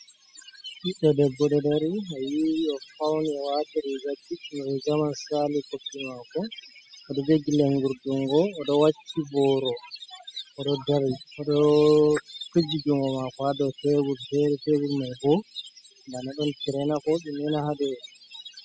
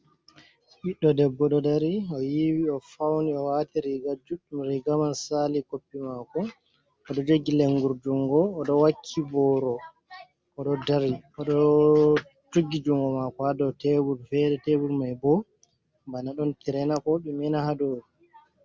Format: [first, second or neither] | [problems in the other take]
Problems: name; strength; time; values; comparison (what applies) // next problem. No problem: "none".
second | noise reduction (classical method spectral subtraction)